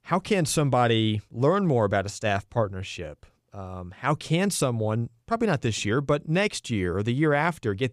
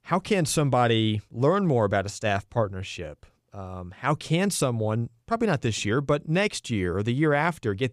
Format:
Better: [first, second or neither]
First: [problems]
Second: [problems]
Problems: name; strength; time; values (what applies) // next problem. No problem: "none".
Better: neither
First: none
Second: none